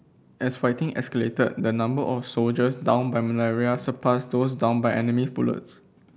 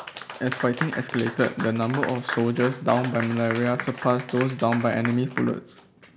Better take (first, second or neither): first